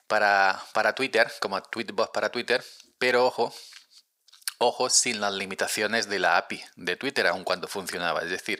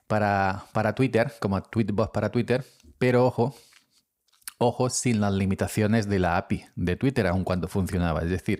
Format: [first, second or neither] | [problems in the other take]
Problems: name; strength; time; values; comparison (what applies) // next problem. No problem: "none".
second | thin; very; fading below 500 Hz